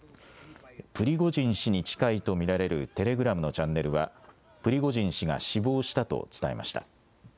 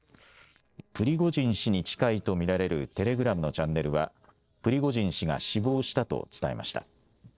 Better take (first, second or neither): first